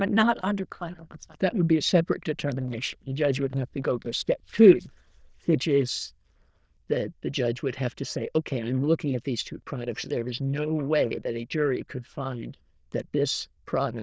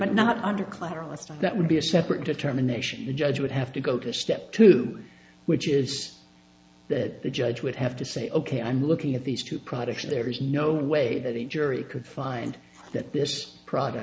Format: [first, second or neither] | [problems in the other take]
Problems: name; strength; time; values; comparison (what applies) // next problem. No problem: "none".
second | noise reduction (neural diffusion model UNIVERSE++)